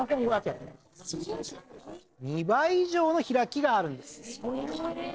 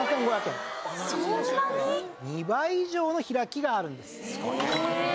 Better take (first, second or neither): second